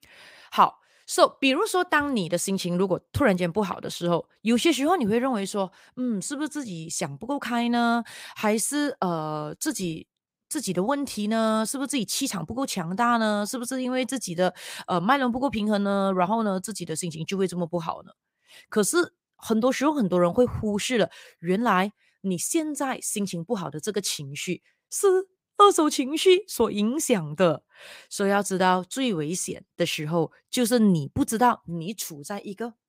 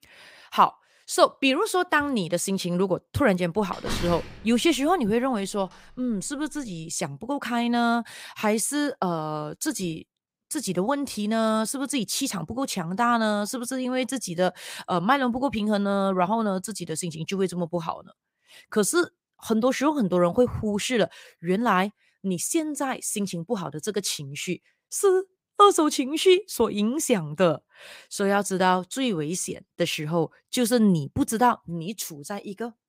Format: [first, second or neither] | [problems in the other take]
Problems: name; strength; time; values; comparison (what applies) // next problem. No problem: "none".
first | door banging; noticeable; from 3.5 to 6.5 s; peak 7 dB below the speech